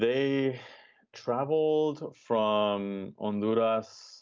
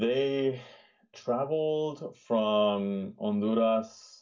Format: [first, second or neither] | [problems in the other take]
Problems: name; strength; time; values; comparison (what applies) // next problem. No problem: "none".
first | room echo; dies away in 0.2 s